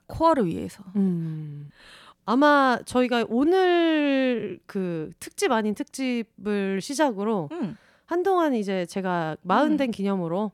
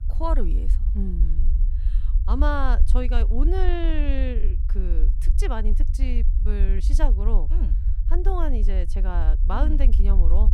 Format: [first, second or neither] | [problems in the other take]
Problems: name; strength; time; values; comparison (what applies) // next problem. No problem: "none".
first | low rumble; noticeable; throughout; 15 dB below the speech